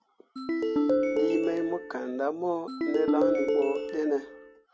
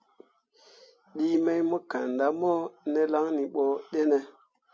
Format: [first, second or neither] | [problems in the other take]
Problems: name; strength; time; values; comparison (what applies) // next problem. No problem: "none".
second | background sound (Ringtone); 3 dB above the speech